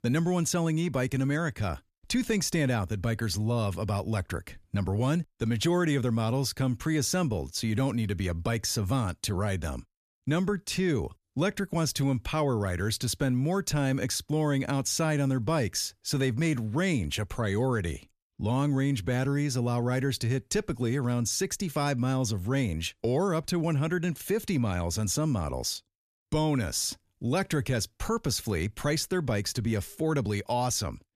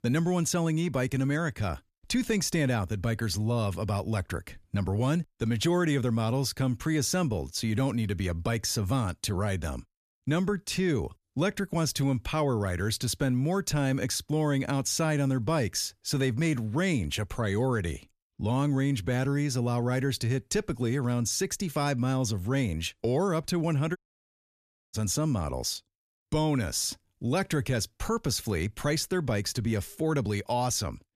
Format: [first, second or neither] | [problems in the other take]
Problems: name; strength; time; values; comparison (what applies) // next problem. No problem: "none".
first | audio cutting out; at 24 s for 1 s